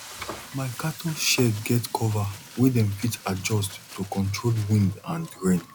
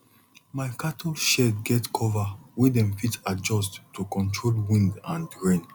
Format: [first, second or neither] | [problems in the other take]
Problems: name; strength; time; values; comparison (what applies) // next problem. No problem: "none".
second | background sound (Frying (food)); 17 dB below the speech